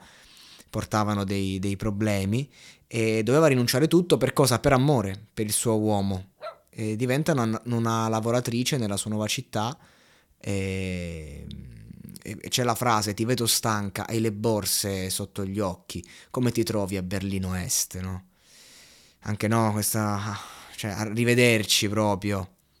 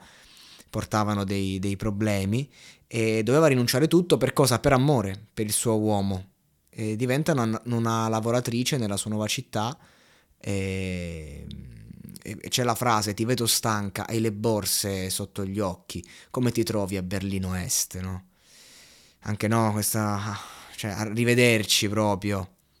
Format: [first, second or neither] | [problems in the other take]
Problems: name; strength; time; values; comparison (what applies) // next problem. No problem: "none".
second | dog barking; faint; at 6.5 s; peak 15 dB below the speech